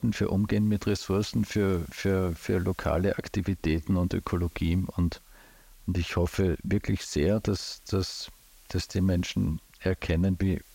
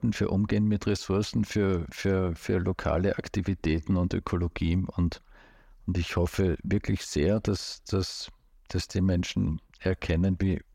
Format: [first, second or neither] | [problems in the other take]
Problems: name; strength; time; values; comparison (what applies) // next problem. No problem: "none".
second | hiss; faint; throughout; 25 dB below the speech